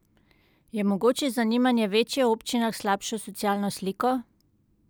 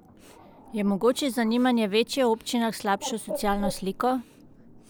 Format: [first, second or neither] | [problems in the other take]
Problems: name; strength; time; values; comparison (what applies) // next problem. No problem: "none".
first | background sound (Bird + Breathing); 14 dB below the speech